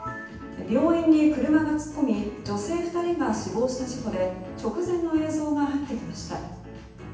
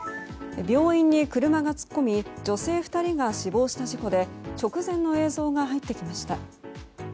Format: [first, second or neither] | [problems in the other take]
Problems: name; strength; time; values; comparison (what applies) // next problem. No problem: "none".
second | background sound (Bass guitar); 20 dB below the speech // room echo; dies away in 0.9 s